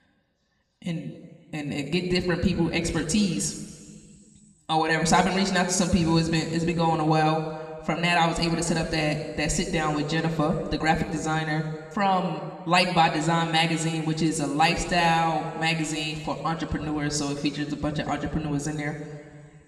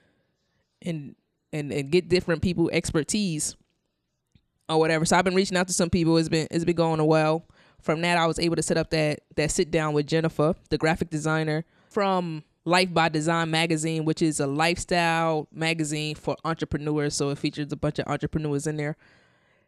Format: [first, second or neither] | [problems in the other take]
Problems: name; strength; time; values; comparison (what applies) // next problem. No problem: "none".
second | room echo; slight; dies away in 1.8 s